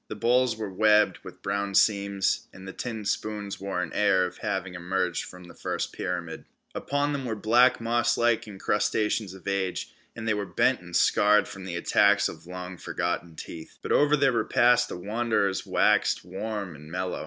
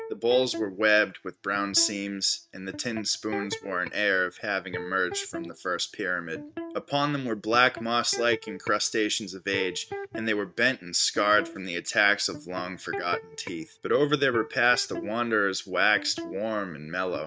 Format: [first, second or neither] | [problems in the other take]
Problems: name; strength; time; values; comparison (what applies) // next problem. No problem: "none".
first | noise reduction (neural mask model RNNoise)